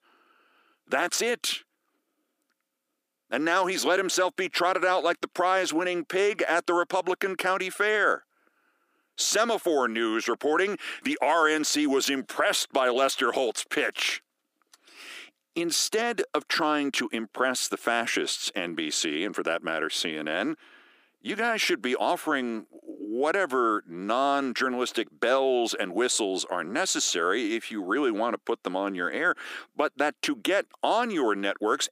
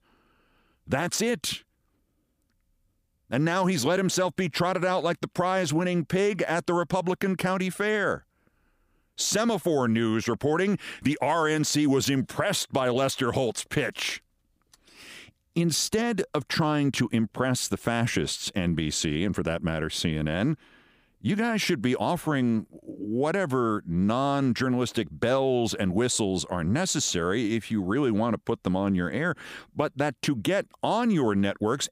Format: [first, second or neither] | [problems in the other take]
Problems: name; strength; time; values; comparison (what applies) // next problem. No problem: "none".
second | thin; somewhat; fading below 300 Hz